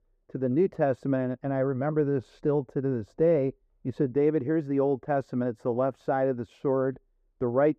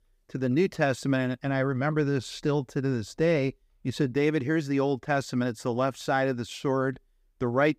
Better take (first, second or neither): second